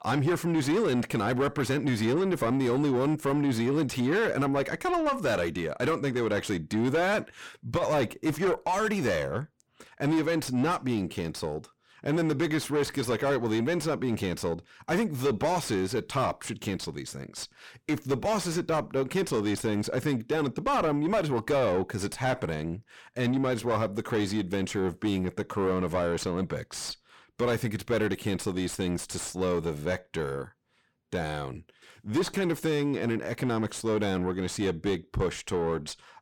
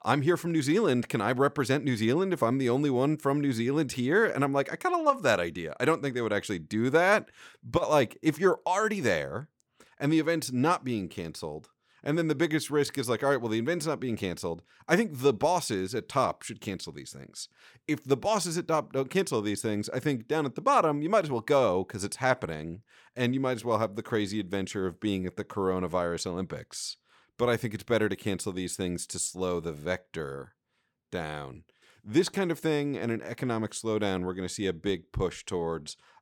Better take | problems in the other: second | distortion; heavy; 7 dB below the speech

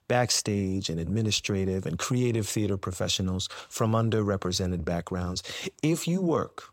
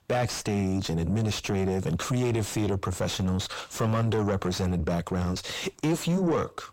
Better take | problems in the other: first | distortion; heavy; 6 dB below the speech

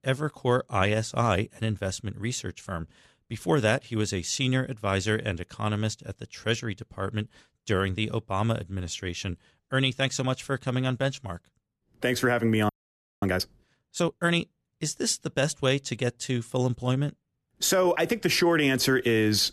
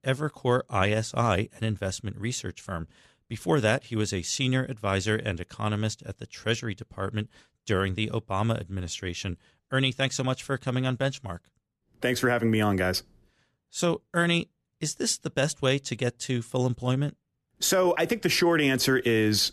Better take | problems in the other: second | audio freezing; at 13 s for 0.5 s

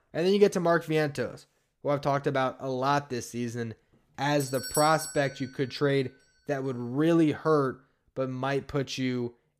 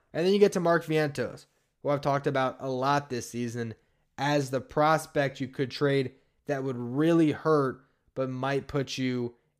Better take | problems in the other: second | doorbell; noticeable; at 4.5 s; peak 4 dB below the speech

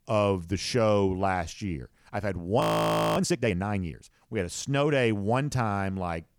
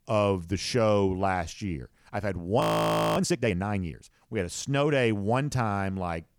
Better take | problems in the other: neither | audio freezing; at 2.5 s for 0.5 s; the same in both

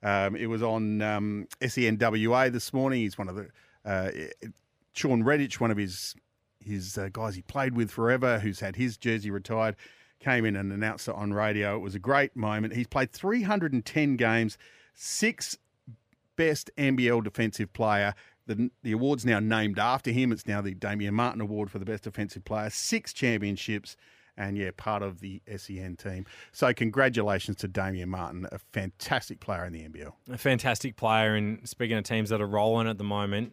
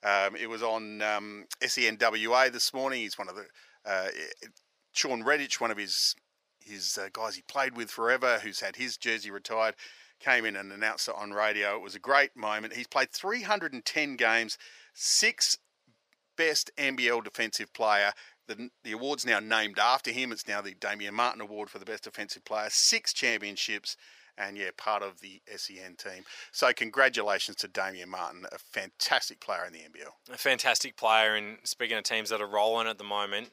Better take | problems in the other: first | thin; very; fading below 600 Hz

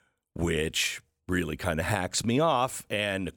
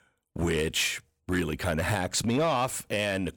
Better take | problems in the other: first | distortion; slight; 10 dB below the speech

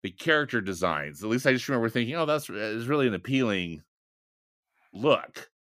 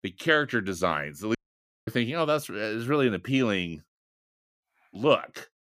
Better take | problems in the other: first | audio cutting out; at 1.5 s for 0.5 s

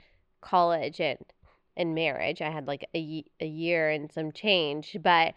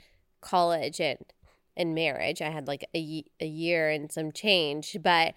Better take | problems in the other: second | muffled; very slightly; fading above 3.5 kHz

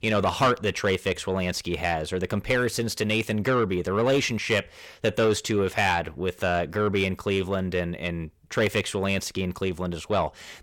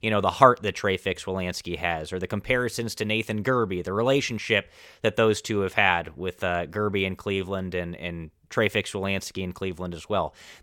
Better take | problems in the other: second | distortion; heavy; 8 dB below the speech

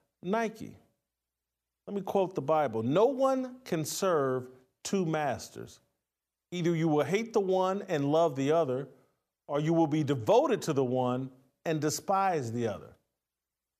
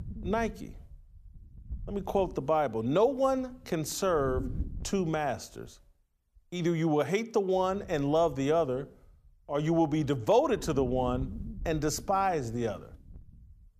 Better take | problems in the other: first | wind noise on the microphone; occasional gusts; 25 dB below the speech

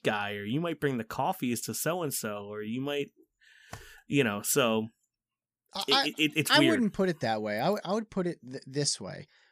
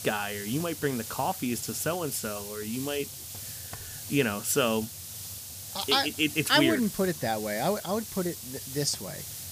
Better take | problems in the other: first | hiss; loud; throughout; 9 dB below the speech

